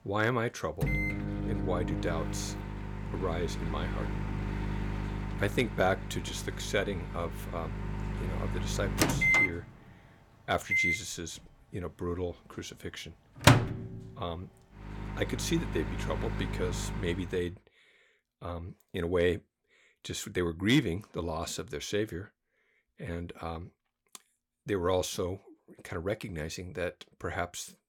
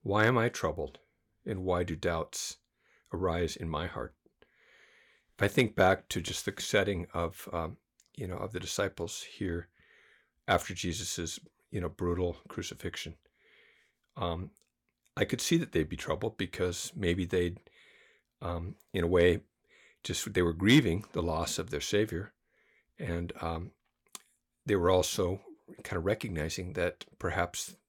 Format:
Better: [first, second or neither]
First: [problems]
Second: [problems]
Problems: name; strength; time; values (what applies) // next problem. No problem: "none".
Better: second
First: household noises; very loud; until 17 s; 2 dB above the speech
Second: none